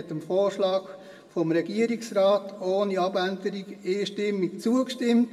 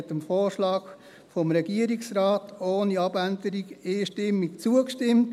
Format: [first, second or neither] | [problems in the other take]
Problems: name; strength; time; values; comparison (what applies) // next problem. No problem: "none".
second | room echo; dies away in 1.1 s